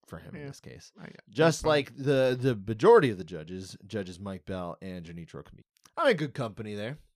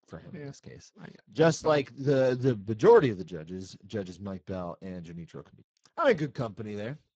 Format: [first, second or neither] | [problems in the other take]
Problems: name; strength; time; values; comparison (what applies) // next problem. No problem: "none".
first | garbled, watery; badly; nothing above 7.5 kHz